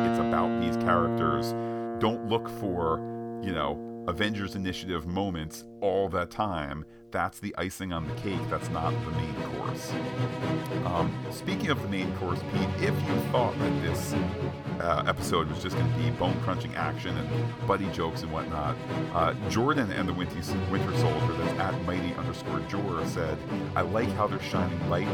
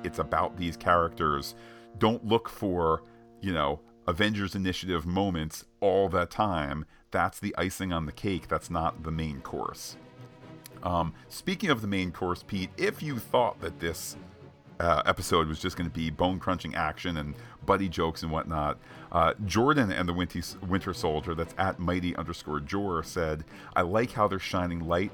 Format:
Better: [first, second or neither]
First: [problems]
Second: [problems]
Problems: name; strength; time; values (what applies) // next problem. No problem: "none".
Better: second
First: background music; loud; throughout; 1 dB below the speech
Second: background music; faint; throughout; 20 dB below the speech